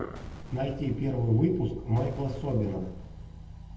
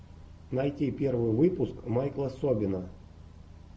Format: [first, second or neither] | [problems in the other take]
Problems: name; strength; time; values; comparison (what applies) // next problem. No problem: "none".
second | background sound (Boom); 16 dB below the speech // room echo; dies away in 0.8 s